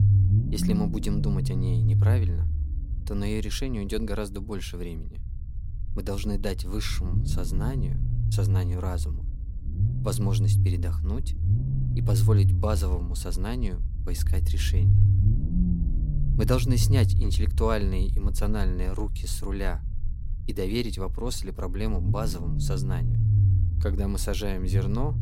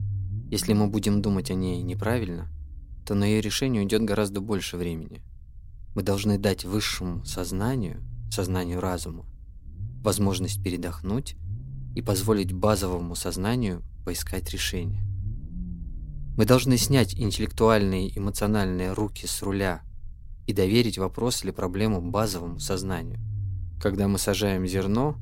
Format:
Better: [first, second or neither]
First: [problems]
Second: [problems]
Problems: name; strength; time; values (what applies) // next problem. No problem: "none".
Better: second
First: low rumble; loud; throughout; 4 dB below the speech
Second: low rumble; faint; throughout; 20 dB below the speech